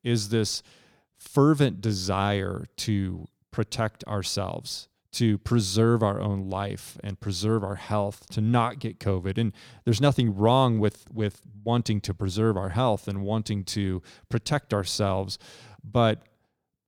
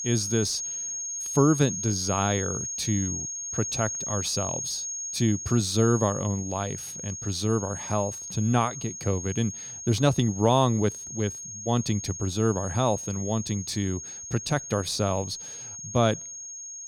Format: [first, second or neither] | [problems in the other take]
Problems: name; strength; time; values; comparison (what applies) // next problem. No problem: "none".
first | high-pitched whine; loud; throughout; 6.5 kHz, 5 dB below the speech